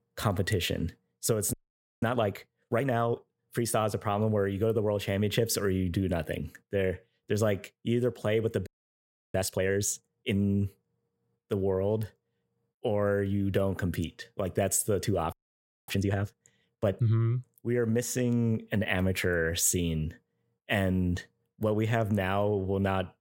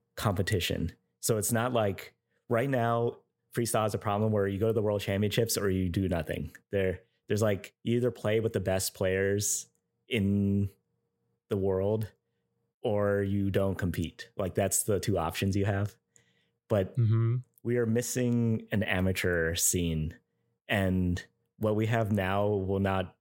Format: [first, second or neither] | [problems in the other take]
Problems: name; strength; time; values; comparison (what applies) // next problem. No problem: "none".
second | audio freezing; at 1.5 s, at 8.5 s for 0.5 s and at 15 s for 0.5 s